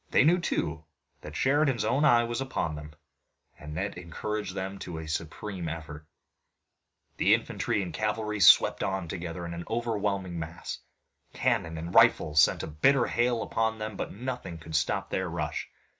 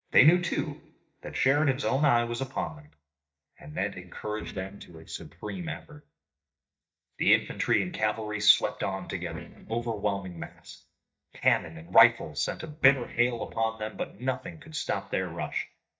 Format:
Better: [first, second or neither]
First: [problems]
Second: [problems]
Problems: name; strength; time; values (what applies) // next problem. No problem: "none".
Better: first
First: none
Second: noise reduction (neural mask model DeepFilterNet 3)